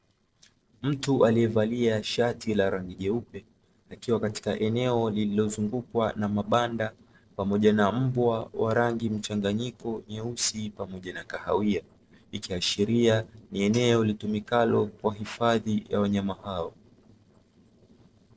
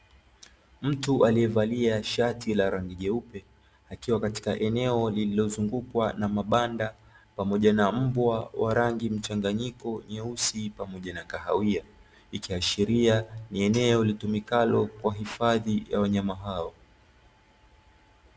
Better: second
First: noise reduction (neural separator model SepFormer DNS4)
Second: none

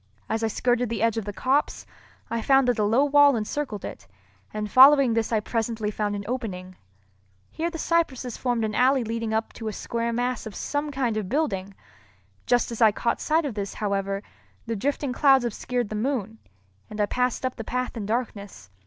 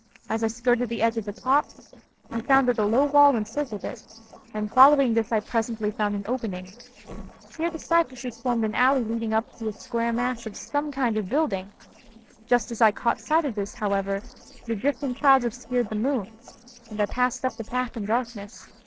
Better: first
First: none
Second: noise reduction (neural separator model SepFormer DNS4)

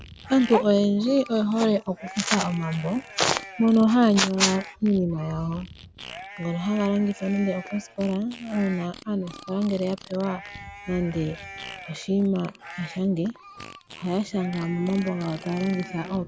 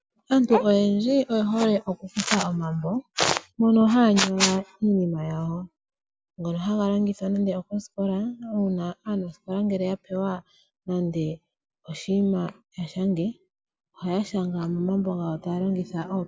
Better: second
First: background sound (Livestock, farm animals, working animals + Fart); 17 dB below the speech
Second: none

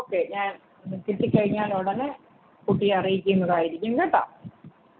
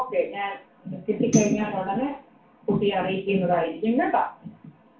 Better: first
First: none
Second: background sound (Tambourine); 15 dB below the speech // room echo; dies away in 0.3 s

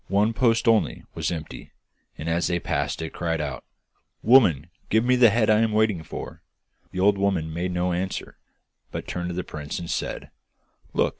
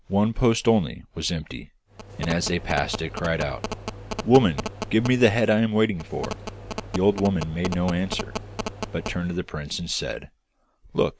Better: first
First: none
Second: background sound (Telephone); 9 dB below the speech

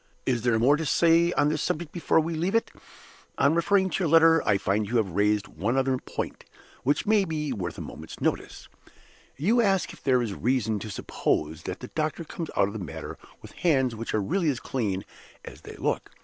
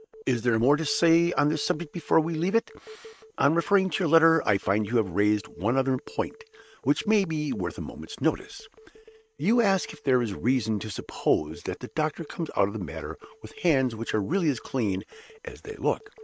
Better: first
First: none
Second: noise reduction (neural mask model RNNoise)

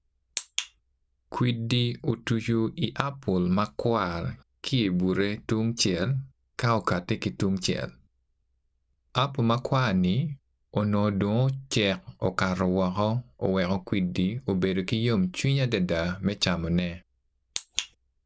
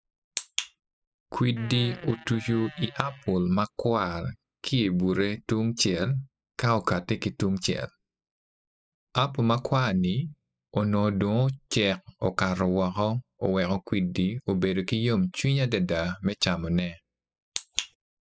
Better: first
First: none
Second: noise reduction (classical method spectral subtraction)

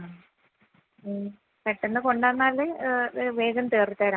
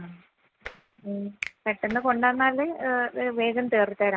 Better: first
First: none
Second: background sound (Tap + Finger snapping); 18 dB below the speech

